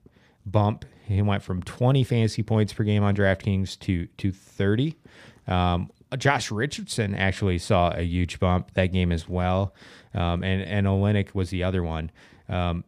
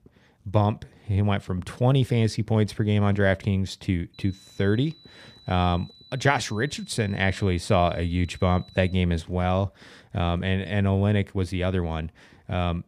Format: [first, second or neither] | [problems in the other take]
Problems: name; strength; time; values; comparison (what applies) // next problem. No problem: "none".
first | high-pitched whine; faint; from 4 to 9 s; 4 kHz, 25 dB below the speech